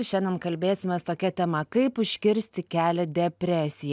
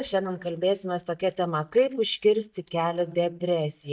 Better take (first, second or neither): first